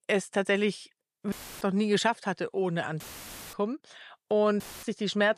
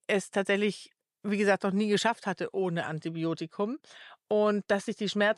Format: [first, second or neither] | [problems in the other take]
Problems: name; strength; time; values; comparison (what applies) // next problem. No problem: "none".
second | audio cutting out; filled with static; at 1.5 s, at 3 s for 0.5 s and at 4.5 s